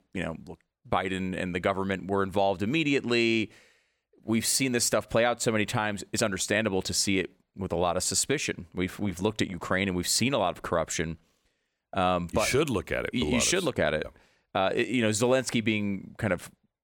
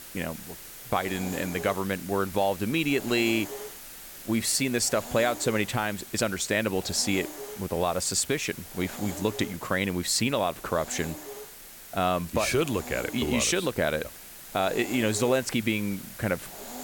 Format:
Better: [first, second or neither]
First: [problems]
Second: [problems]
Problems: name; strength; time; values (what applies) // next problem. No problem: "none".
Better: first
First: none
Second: hiss; noticeable; throughout; 10 dB below the speech